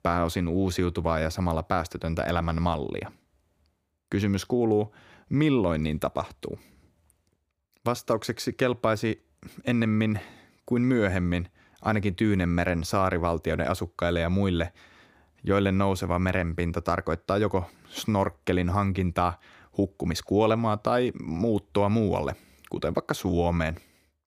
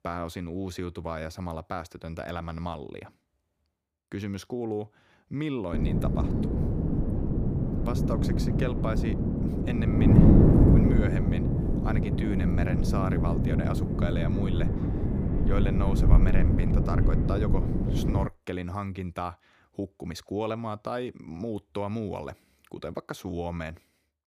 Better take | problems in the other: first | wind noise on the microphone; heavy; from 5.5 to 18 s; 3 dB above the speech

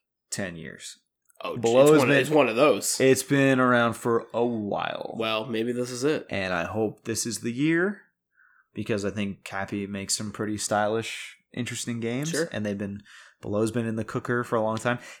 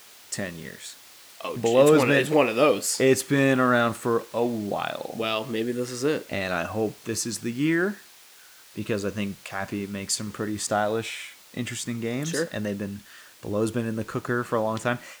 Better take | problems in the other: first | hiss; faint; throughout; 20 dB below the speech

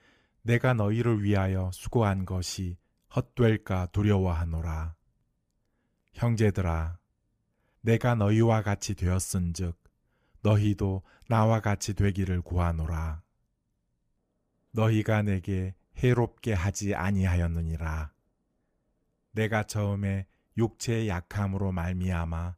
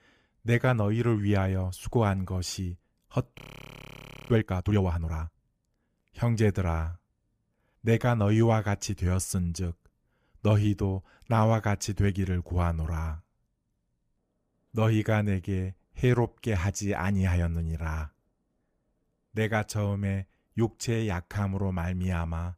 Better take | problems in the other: first | audio freezing; at 3.5 s for 1 s

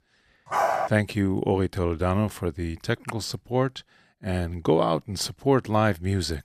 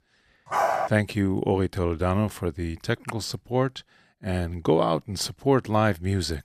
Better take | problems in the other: neither | dog barking; loud; at 0.5 s; peak 2 dB above the speech; the same in both

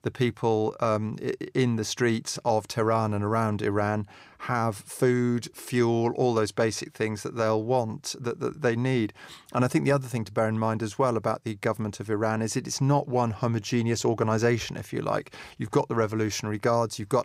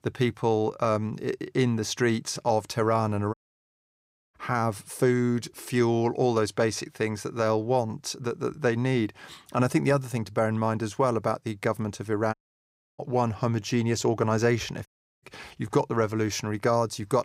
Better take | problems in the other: first | audio cutting out; at 3.5 s for 1 s, at 12 s for 0.5 s and at 15 s

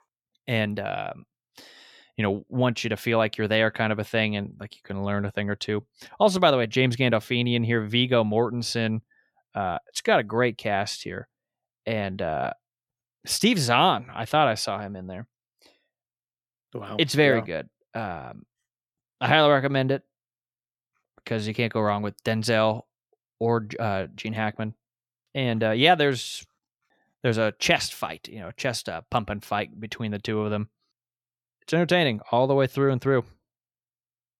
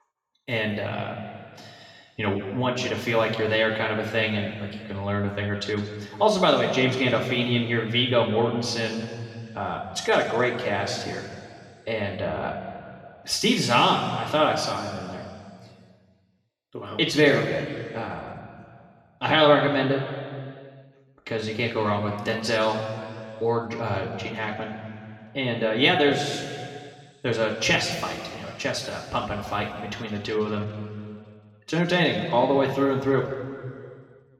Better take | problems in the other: first | room echo; noticeable; dies away in 2.2 s // off-mic speech; somewhat distant

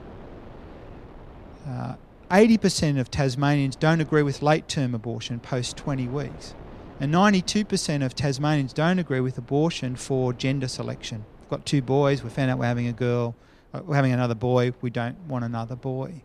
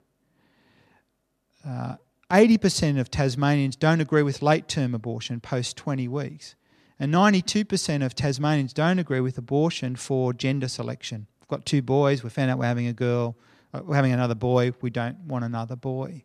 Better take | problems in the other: second | wind noise on the microphone; occasional gusts; 25 dB below the speech

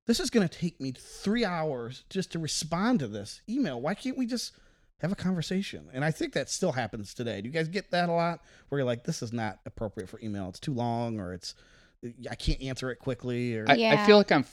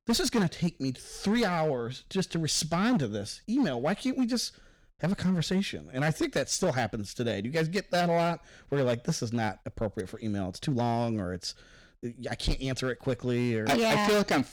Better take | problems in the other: first | distortion; heavy; 8% of the sound clipped

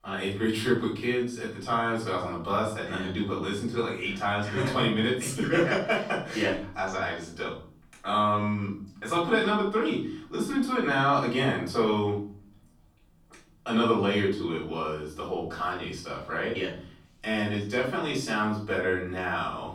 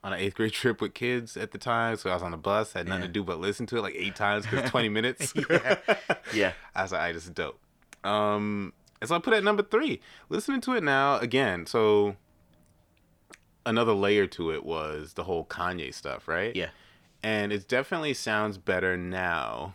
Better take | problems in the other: second | off-mic speech; far // room echo; noticeable; dies away in 0.5 s

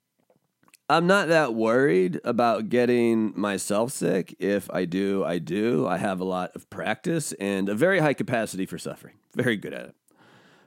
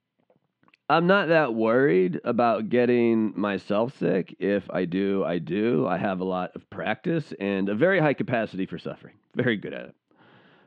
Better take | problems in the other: first | muffled; slightly; fading above 3.5 kHz

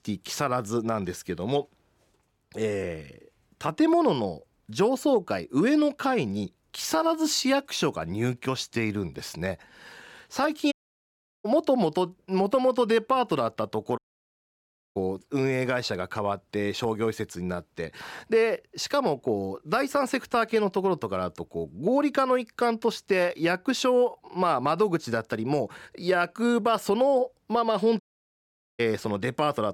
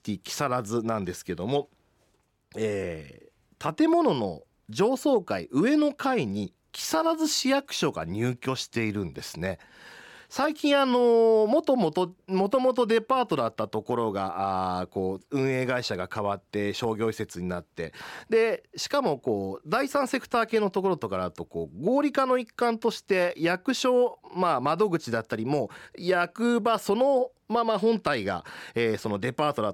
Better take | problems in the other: second | audio cutting out; at 11 s for 0.5 s, at 14 s for 1 s and at 28 s for 1 s

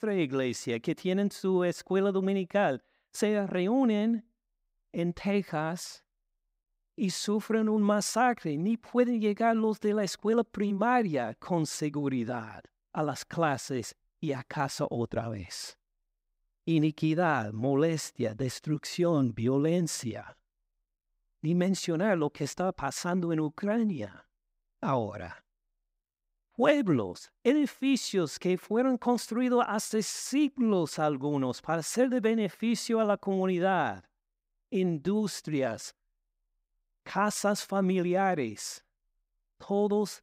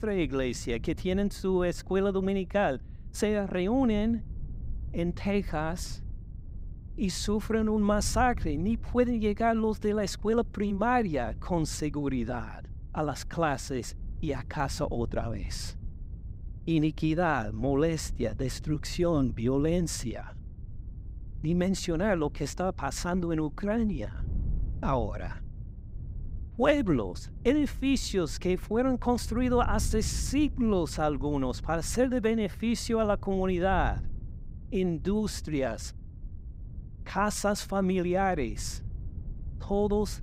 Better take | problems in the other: first | wind noise on the microphone; occasional gusts; 25 dB below the speech

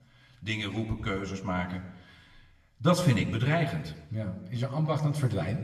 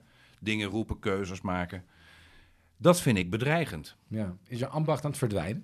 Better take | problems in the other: second | room echo; slight; dies away in 0.9 s // off-mic speech; somewhat distant

